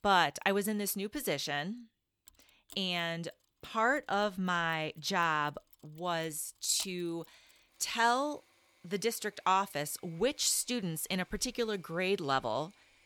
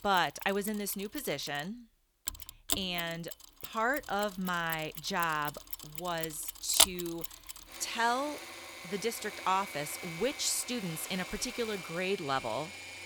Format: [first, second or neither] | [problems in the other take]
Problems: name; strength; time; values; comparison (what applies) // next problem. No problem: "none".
first | machinery noise; loud; throughout; 3 dB below the speech; faint in the first